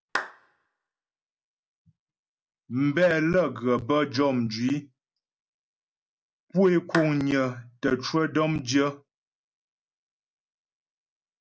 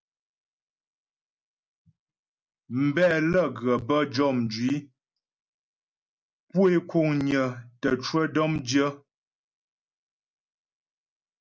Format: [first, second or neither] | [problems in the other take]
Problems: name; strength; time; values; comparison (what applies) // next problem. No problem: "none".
second | background sound (Clapping); 10 dB below the speech